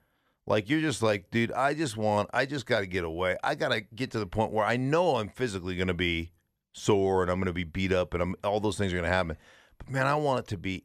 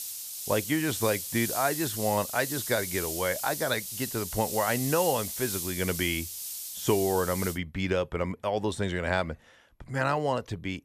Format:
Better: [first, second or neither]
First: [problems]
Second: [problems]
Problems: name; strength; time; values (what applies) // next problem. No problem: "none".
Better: first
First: none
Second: hiss; loud; until 7.5 s; 4 dB below the speech